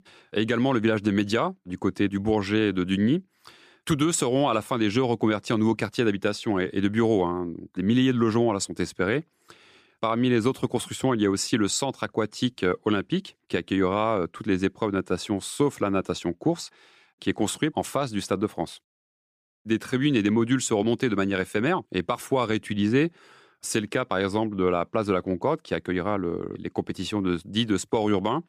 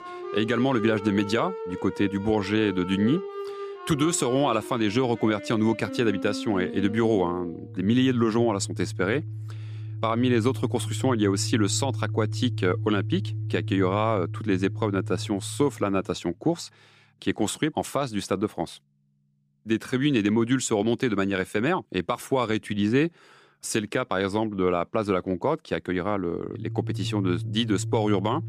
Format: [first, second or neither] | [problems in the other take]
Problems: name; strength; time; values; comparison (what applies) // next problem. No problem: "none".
first | background music; loud; throughout; 9 dB below the speech